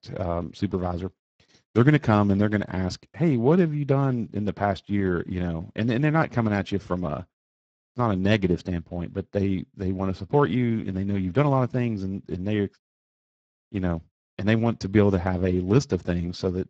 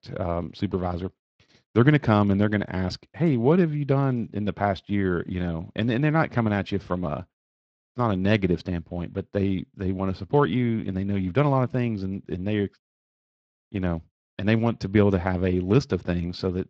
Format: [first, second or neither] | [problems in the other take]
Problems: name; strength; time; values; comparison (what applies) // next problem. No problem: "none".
second | garbled, watery; badly; nothing above 7.5 kHz; slightly in the second